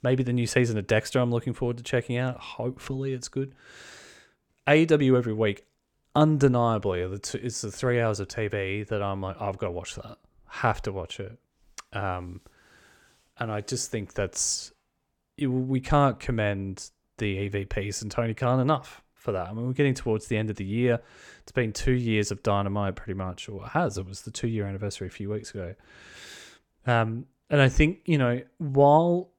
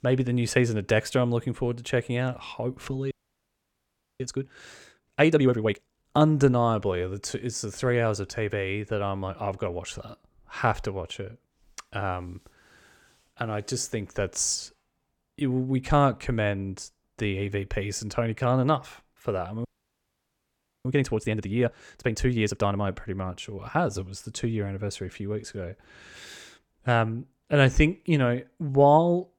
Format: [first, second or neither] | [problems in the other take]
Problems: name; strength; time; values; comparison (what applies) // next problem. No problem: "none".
first | audio freezing; at 3 s for 1 s and at 20 s for 1 s